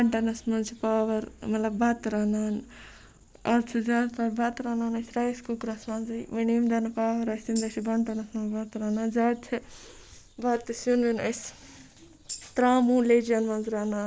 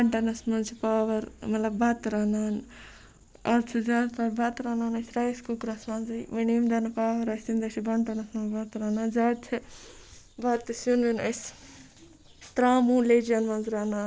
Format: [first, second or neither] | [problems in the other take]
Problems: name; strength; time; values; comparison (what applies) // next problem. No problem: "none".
second | background sound (Tambourine); 18 dB below the speech